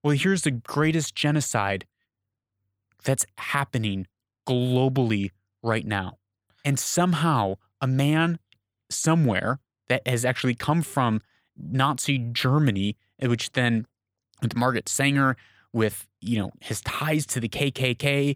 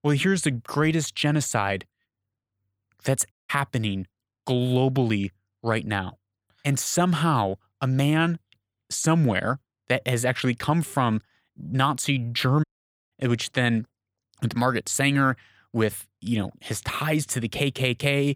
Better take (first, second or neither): first